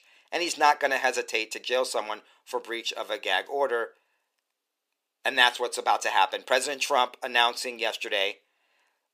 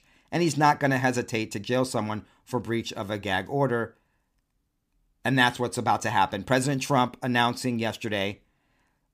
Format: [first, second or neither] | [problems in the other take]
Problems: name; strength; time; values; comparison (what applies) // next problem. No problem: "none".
second | thin; very; fading below 450 Hz